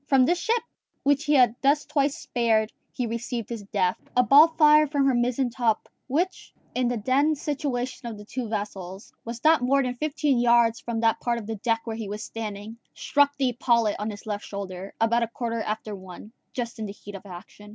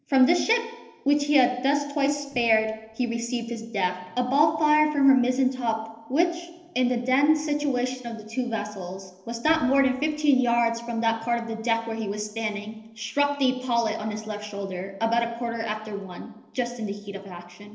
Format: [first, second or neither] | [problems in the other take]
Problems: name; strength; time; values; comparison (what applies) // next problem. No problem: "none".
first | noise reduction (neural separator model SepFormer DNS4)